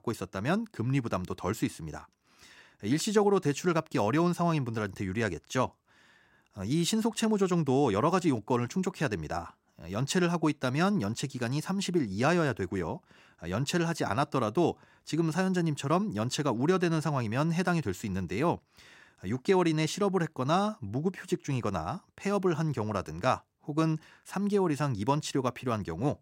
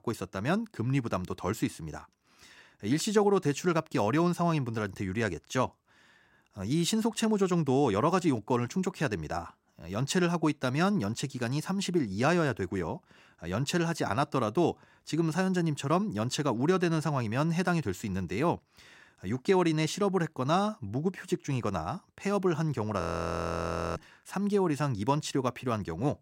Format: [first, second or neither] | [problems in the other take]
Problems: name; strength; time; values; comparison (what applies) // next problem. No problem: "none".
first | audio freezing; at 23 s for 1 s